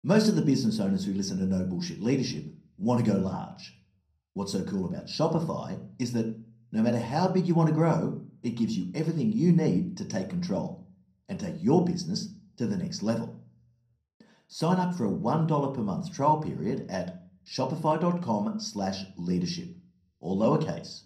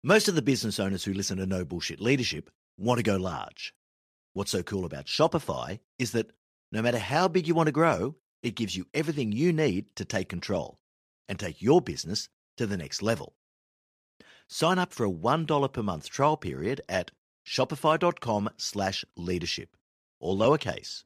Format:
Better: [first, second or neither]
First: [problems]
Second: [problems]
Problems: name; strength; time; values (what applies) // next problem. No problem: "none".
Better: second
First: room echo; slight; dies away in 0.5 s // off-mic speech; somewhat distant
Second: none